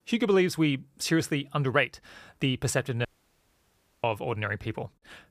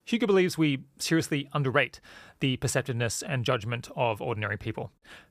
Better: second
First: audio cutting out; at 3 s for 1 s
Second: none

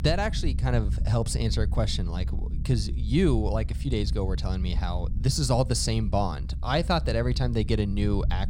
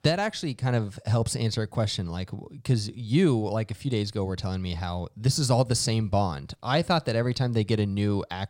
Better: second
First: low rumble; noticeable; throughout; 15 dB below the speech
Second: none

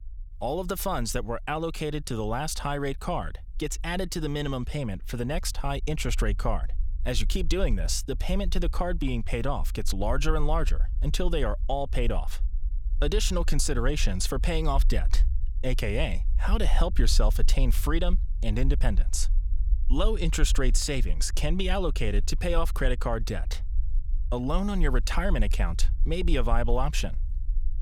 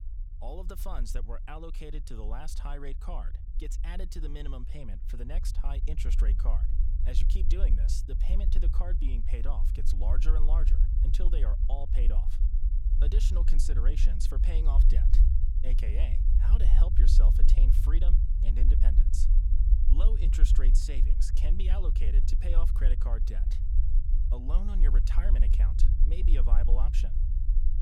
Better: first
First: low rumble; faint; throughout; 25 dB below the speech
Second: low rumble; loud; throughout; 5 dB below the speech

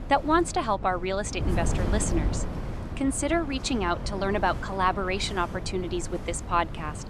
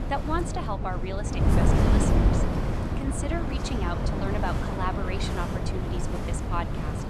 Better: first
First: wind noise on the microphone; occasional gusts; 15 dB below the speech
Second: wind noise on the microphone; heavy; as loud as the speech

